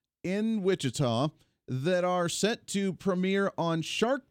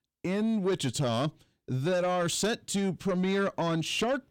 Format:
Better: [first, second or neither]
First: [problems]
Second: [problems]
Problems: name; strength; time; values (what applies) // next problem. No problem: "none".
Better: first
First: none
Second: distortion; slight; 10 dB below the speech